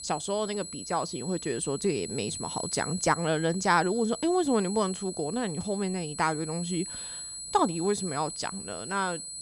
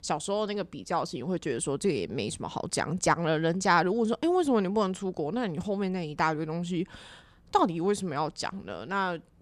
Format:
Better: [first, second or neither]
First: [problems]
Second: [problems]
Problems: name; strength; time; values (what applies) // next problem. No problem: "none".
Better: second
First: high-pitched whine; loud; throughout; 8 kHz, 8 dB below the speech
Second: none